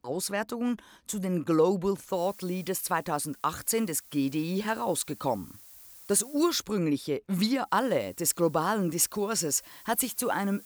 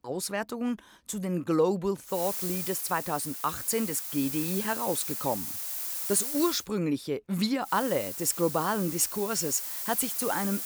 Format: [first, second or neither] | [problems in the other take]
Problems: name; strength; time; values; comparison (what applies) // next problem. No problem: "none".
first | hiss; loud; from 2 to 6.5 s and from 7.5 s on; 3 dB below the speech; faint in the first